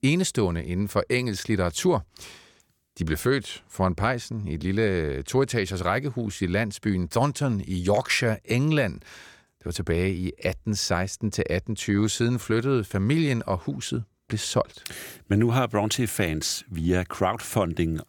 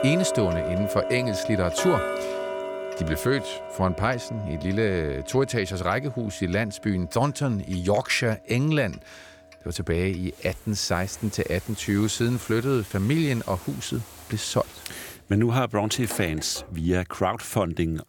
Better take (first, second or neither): first